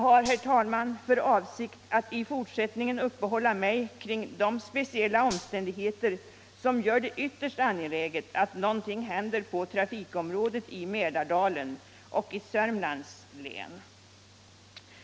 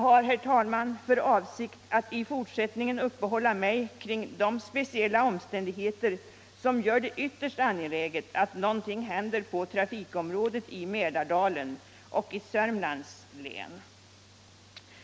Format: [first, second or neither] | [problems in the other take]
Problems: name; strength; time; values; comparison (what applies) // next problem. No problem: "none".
second | background sound (Gunshot, gunfire); 16 dB below the speech